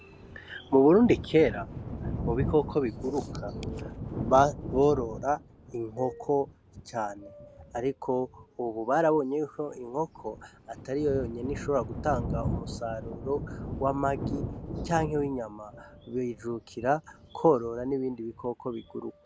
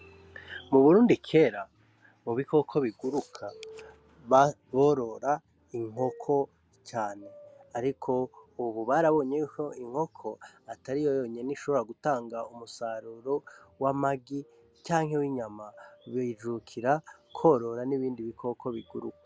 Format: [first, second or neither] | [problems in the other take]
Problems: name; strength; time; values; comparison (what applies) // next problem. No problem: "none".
second | background sound (Thunder); 9 dB below the speech